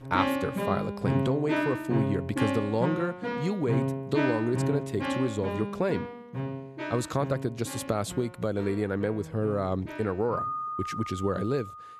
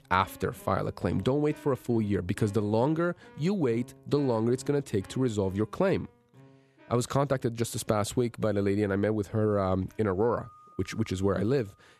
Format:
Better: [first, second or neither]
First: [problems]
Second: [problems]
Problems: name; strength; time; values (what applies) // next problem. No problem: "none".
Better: second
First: background music; loud; throughout; 2 dB below the speech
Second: background music; faint; throughout; 25 dB below the speech